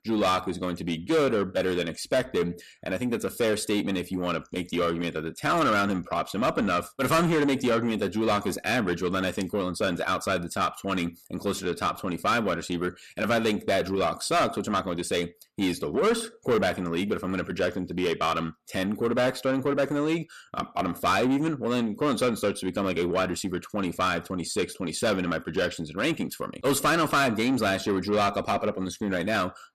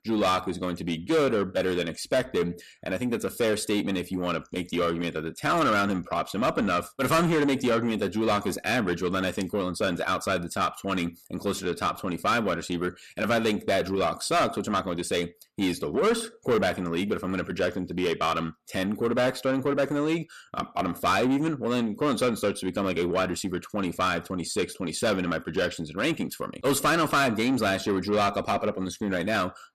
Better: neither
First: distortion; heavy; 7 dB below the speech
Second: distortion; heavy; 7 dB below the speech

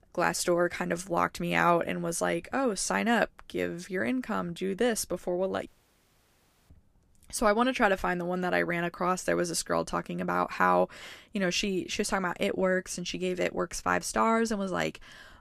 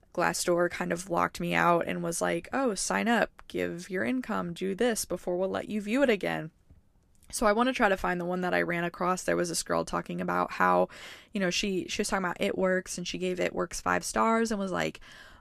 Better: second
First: audio cutting out; at 5.5 s for 1 s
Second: none

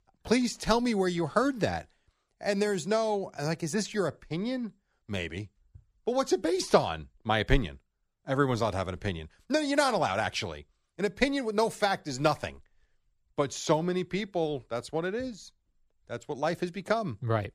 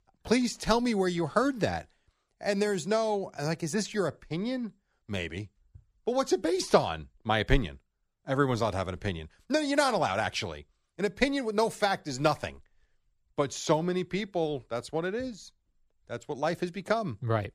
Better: neither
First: none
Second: none

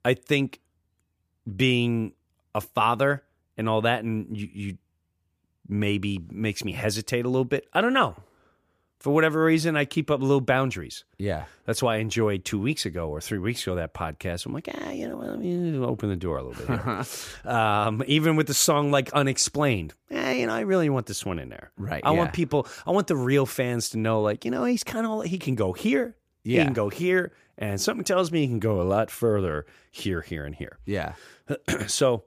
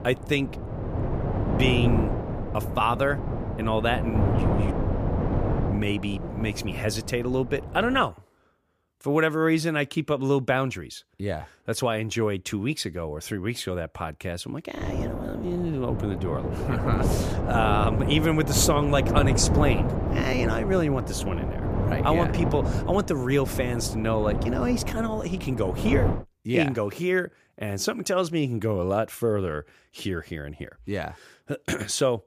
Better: first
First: none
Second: wind noise on the microphone; heavy; until 8 s and from 15 to 26 s; 6 dB below the speech

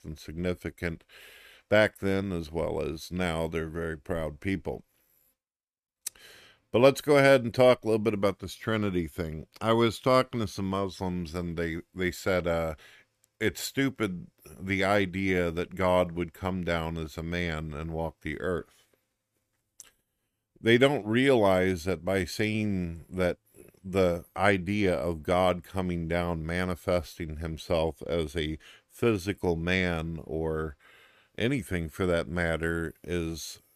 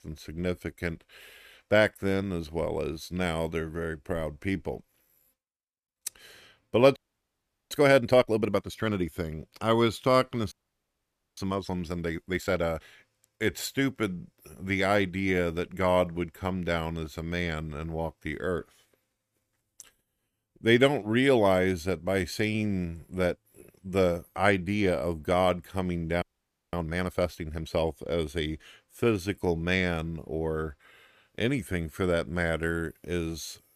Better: first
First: none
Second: audio freezing; at 7 s for 1 s, at 11 s for 1 s and at 26 s for 0.5 s

